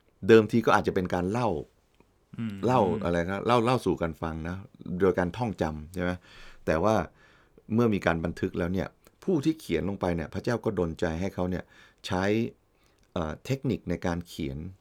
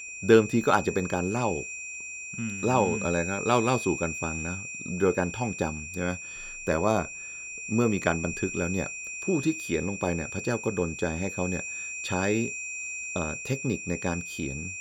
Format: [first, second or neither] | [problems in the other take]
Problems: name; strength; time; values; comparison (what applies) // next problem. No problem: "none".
first | high-pitched whine; loud; throughout; 2.5 kHz, 6 dB below the speech